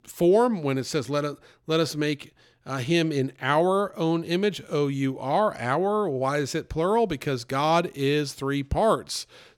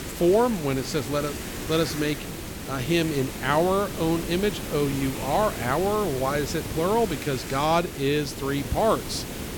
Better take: first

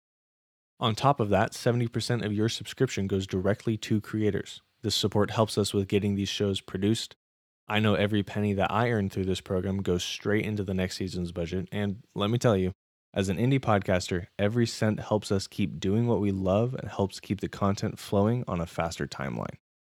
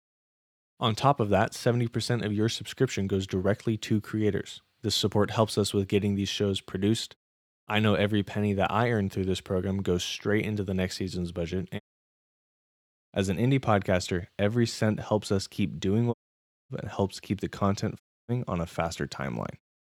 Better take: first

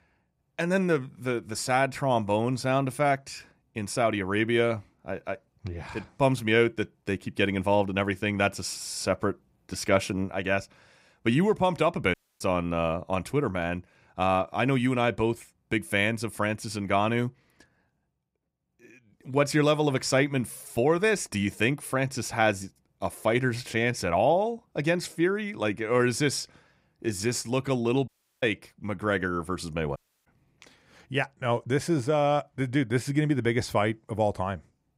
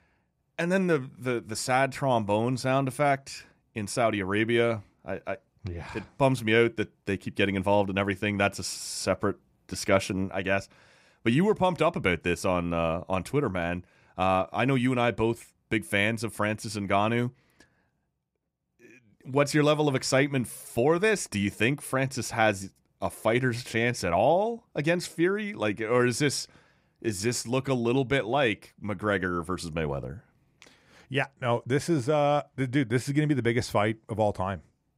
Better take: second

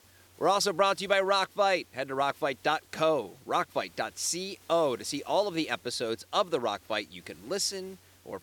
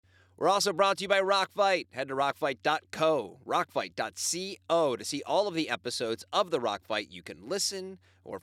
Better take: second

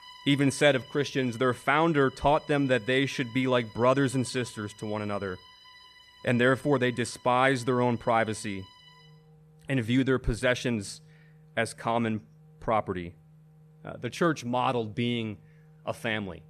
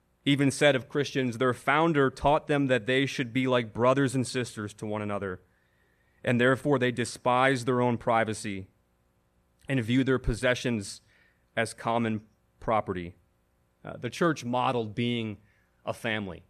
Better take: second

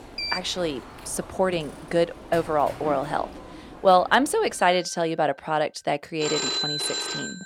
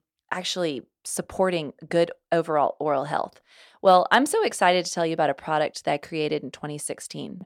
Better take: second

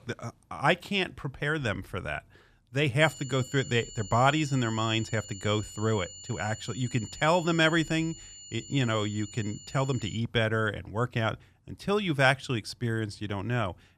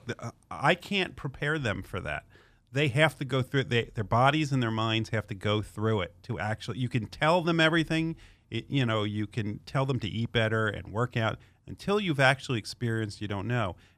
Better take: second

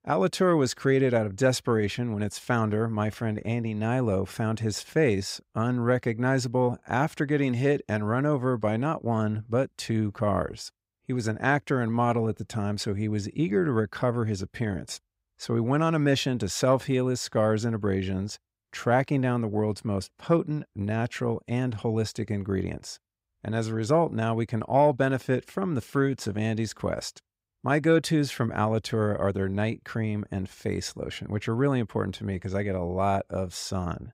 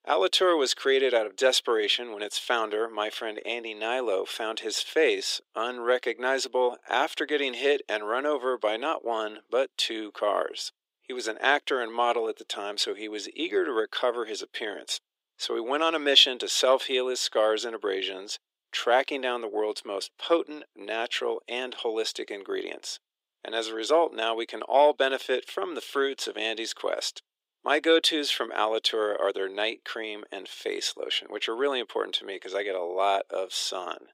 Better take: first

